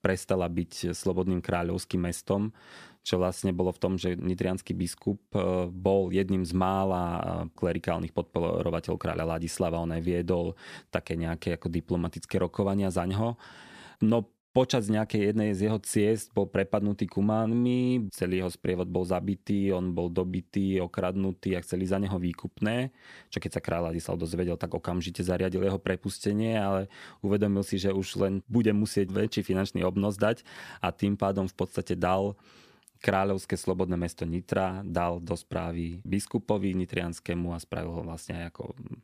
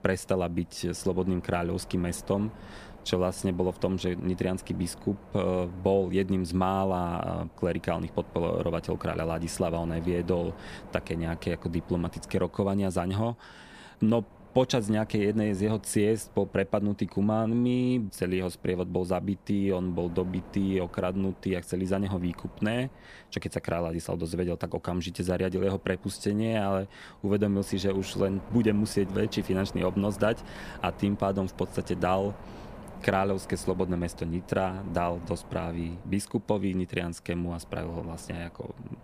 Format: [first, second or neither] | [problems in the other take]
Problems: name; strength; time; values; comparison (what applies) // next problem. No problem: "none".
first | wind noise on the microphone; occasional gusts; 20 dB below the speech